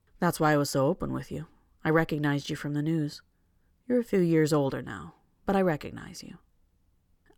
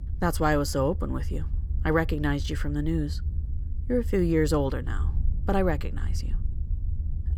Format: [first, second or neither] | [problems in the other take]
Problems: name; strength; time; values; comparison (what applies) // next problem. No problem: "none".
first | low rumble; faint; throughout; 20 dB below the speech